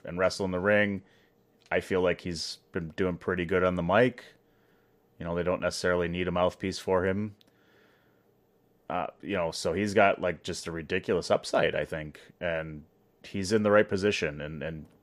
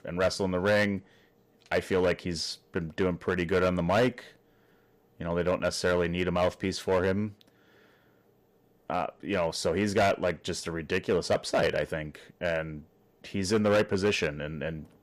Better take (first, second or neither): first